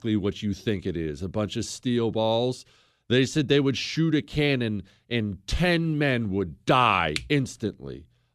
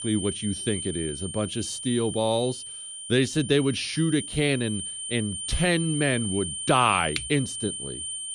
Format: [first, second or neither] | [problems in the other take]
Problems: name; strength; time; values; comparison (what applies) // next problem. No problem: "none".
first | high-pitched whine; loud; throughout; 9 kHz, 6 dB below the speech